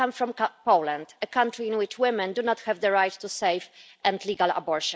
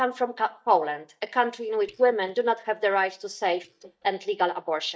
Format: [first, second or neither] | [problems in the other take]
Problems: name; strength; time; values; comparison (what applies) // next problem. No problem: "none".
first | noise reduction (neural mask model DeepFilterNet 3)